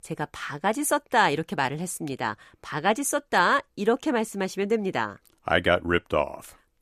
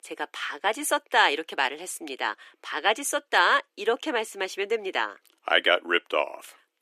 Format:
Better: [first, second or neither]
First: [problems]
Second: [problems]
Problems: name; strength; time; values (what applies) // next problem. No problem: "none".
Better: first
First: none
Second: thin; somewhat; fading below 300 Hz